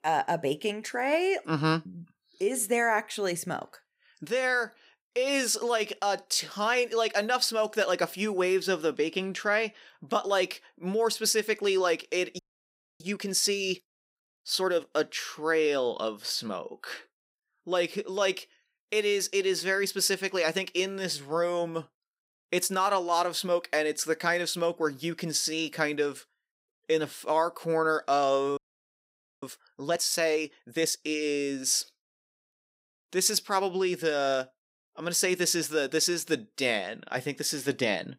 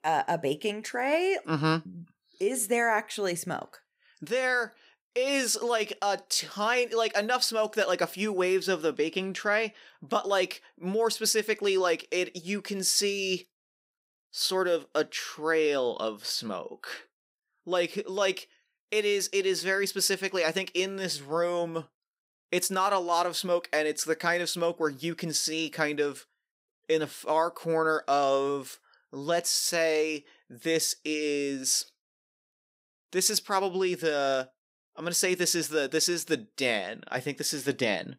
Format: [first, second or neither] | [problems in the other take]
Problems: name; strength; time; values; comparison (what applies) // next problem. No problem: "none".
second | audio freezing; at 12 s for 0.5 s and at 29 s for 1 s